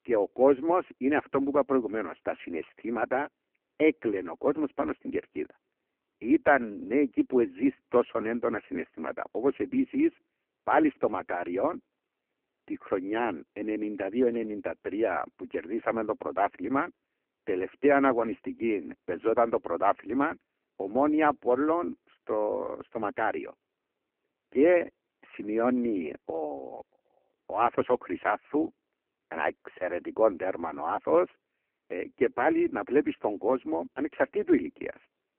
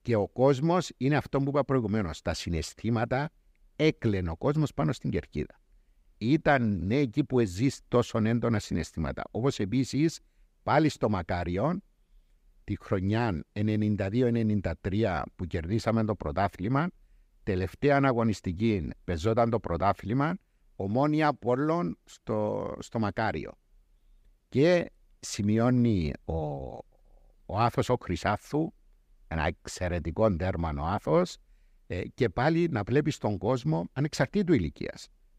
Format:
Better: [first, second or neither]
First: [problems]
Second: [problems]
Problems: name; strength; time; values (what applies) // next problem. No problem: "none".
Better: second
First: phone-call audio; poor line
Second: none